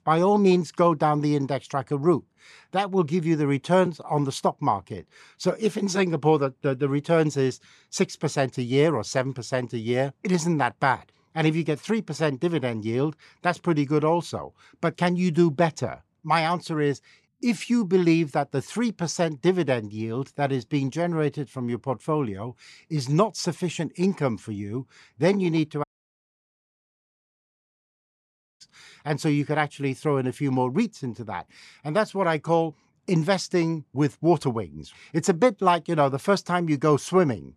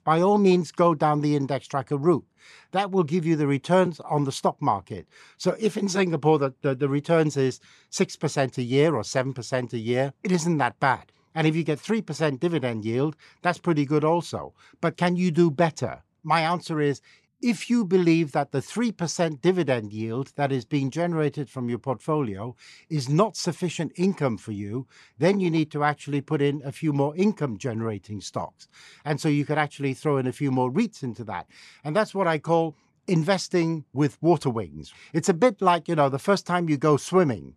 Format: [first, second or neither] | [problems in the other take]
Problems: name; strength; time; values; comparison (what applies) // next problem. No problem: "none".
second | audio cutting out; at 26 s for 3 s